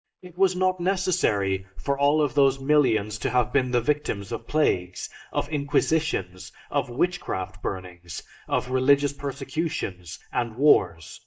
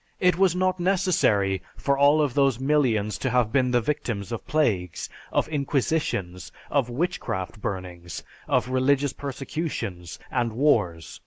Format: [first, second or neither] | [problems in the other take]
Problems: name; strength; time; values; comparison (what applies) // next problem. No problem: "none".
second | noise reduction (neural mask model DeepFilterNet 3)